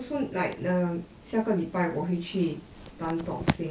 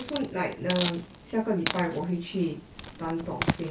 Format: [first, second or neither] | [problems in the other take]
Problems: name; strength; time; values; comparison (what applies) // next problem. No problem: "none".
first | background sound (Hiss); 9 dB below the speech